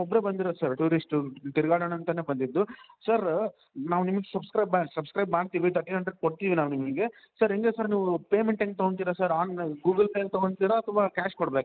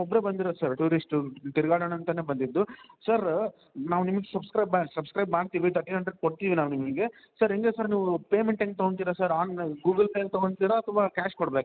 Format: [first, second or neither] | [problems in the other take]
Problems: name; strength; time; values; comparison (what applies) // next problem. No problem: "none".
second | noise reduction (neural mask model Resemble Enhance denoiser)